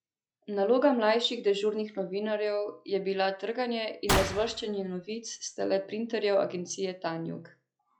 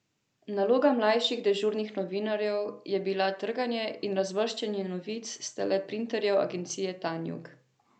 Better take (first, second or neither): second